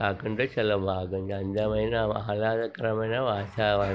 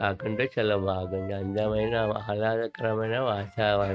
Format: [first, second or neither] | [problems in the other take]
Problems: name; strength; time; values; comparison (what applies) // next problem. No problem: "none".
first | noise reduction (neural mask model RNNoise)